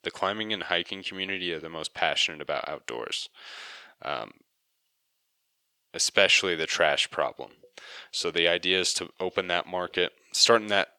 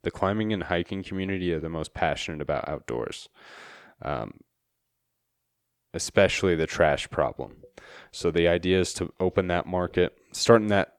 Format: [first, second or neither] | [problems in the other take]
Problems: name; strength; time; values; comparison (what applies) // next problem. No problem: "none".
second | thin; somewhat; fading below 850 Hz